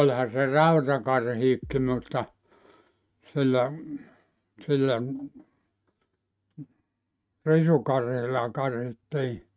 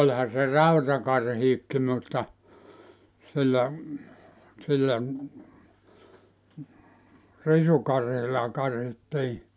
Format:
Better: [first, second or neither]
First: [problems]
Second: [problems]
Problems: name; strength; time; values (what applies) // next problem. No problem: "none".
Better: second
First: noise reduction (neural mask model RNNoise)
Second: none